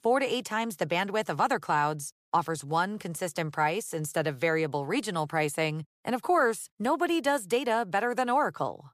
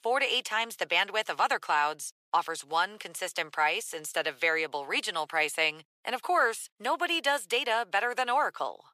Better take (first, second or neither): first